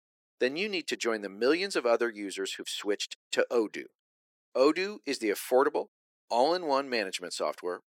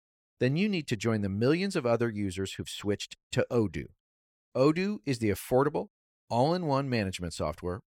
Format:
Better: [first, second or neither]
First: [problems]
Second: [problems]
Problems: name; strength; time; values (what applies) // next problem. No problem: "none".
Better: second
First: thin; somewhat; fading below 300 Hz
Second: none